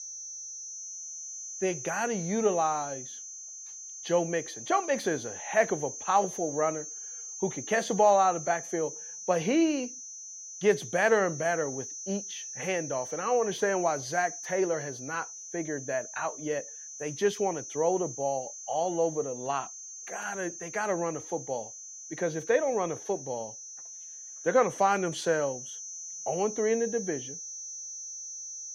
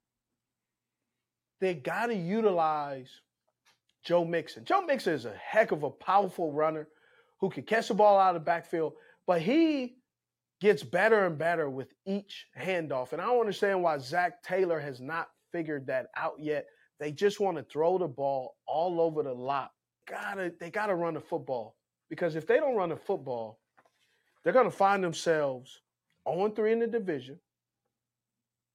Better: second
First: high-pitched whine; loud; throughout; 6 kHz, 9 dB below the speech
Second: none

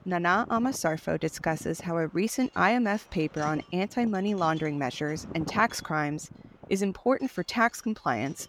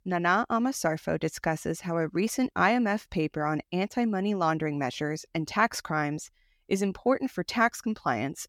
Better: second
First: wind noise on the microphone; occasional gusts; 20 dB below the speech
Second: none

